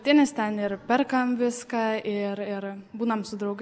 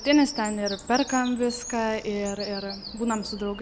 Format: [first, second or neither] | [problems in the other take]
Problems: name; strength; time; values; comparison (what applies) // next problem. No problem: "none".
first | background sound (Bird vocalization, bird call, bird song); 12 dB below the speech